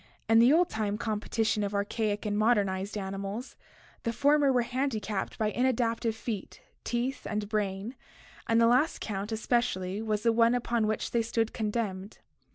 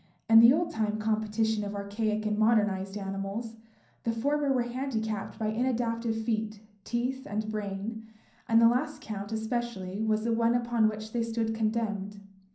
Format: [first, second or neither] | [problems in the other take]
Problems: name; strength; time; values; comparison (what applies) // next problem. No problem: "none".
first | room echo; dies away in 0.6 s